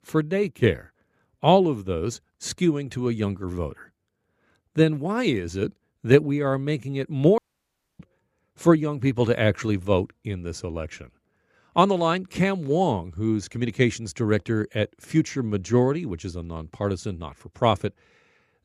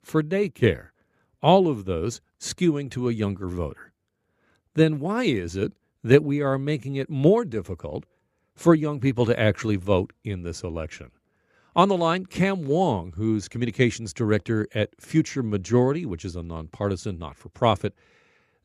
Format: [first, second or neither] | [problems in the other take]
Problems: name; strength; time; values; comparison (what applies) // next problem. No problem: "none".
second | audio cutting out; at 7.5 s for 0.5 s